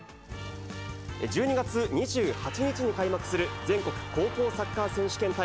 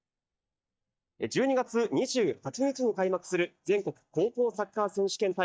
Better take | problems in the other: first | noise reduction (neural mask model DeepFilterNet 3)

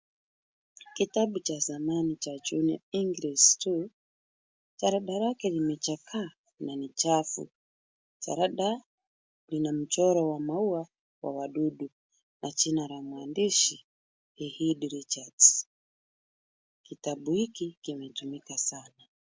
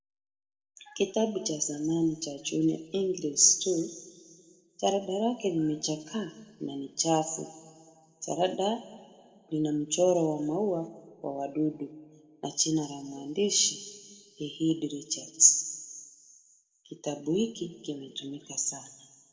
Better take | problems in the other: first | room echo; dies away in 1.5 s

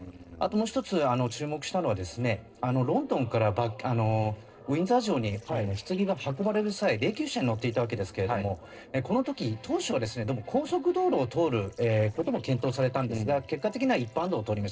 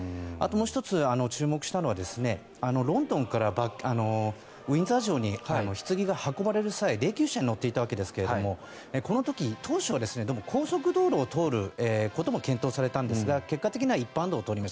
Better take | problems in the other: second | noise reduction (neural separator model SepFormer DNS4)

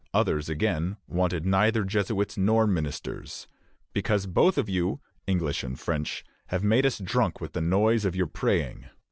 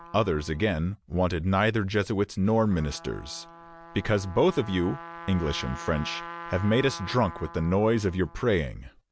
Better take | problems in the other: first | background sound (Trumpet); 17 dB below the speech

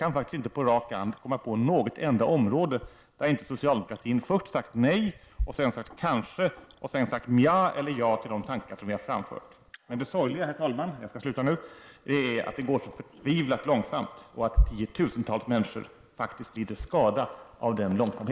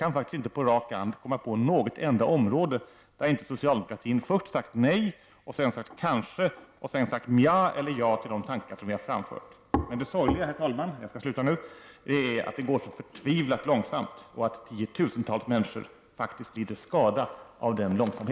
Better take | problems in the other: second | noise reduction (neural mask model Resemble Enhance denoiser)

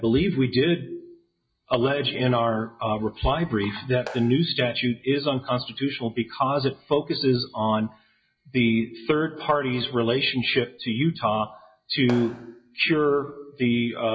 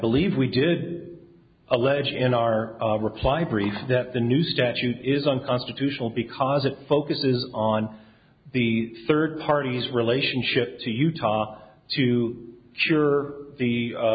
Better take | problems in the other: second | noise reduction (classical method WPE with log-MMSE)

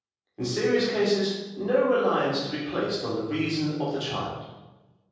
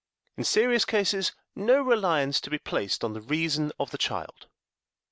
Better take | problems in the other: second | room echo; dies away in 1.3 s

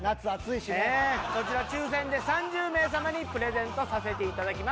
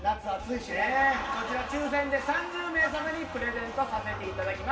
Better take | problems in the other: first | room echo; dies away in 2.2 s

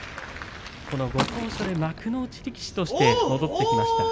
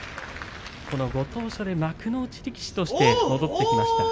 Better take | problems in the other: second | background sound (Liquid); 11 dB below the speech

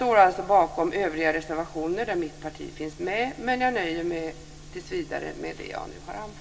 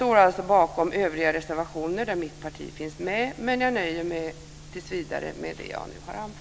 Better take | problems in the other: second | room echo; dies away in 1.9 s

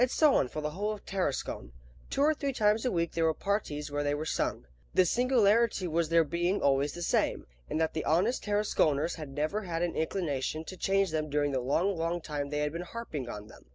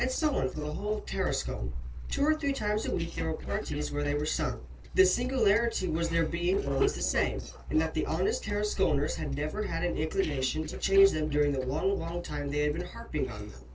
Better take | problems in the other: first | noise reduction (neural separator model SepFormer DNS4)

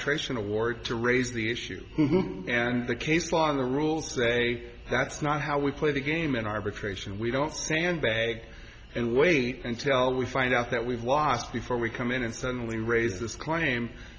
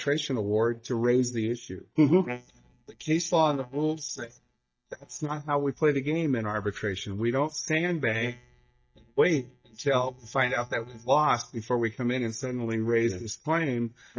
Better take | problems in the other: first | noise reduction (neural mask model DeepFilterNet 3)

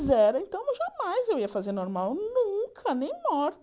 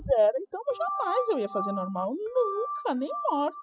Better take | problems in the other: first | noise reduction (classical method spectral subtraction)

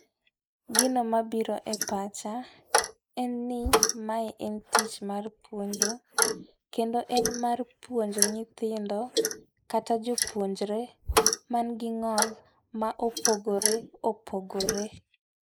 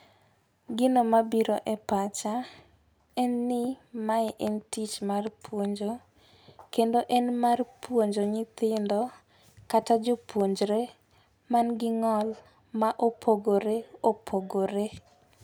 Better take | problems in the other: second | noise reduction (neural mask model Resemble Enhance denoiser)

